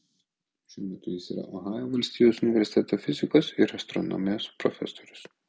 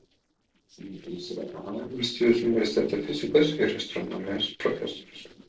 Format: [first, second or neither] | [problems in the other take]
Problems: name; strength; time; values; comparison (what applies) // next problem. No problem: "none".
first | noise reduction (neural separator model SepFormer DNS4)